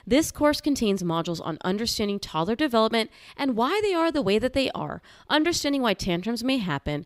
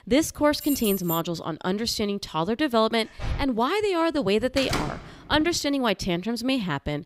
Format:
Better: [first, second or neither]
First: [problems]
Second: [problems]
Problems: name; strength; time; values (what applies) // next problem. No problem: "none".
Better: first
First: none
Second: jangling keys; noticeable; at 0.5 s; peak 6 dB below the speech // door banging; noticeable; at 3 s and at 4.5 s; peak 4 dB below the speech